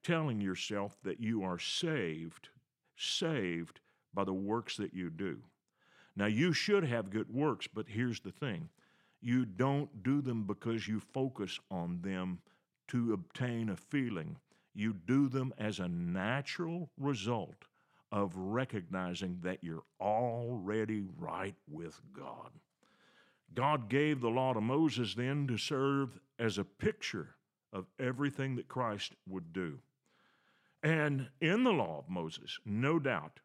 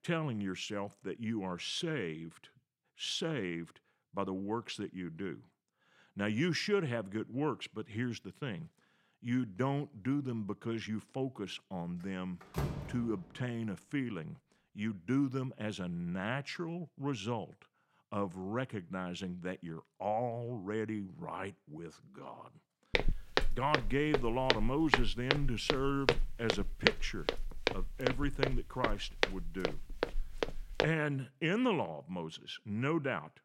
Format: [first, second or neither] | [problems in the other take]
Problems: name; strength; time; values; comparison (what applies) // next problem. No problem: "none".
first | door banging; noticeable; at 13 s; peak 1 dB below the speech // footsteps; loud; from 23 to 31 s; peak 6 dB above the speech